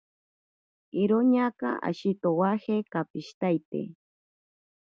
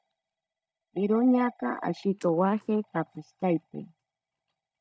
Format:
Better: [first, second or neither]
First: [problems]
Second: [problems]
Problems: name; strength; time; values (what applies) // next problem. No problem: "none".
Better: first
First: none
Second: noise reduction (neural mask model DeepFilterNet 3)